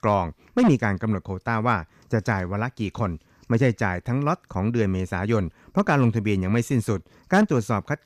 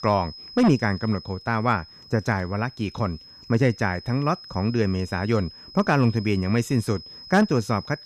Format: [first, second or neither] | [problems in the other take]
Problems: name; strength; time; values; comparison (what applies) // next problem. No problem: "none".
first | high-pitched whine; noticeable; throughout; 5 kHz, 15 dB below the speech